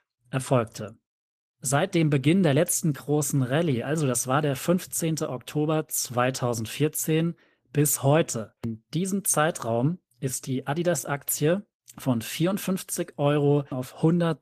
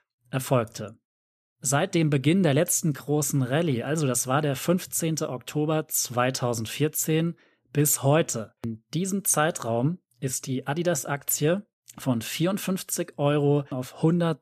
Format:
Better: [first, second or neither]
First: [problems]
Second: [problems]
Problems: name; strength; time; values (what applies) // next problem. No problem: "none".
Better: second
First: garbled, watery; slightly; nothing above 14.5 kHz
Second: none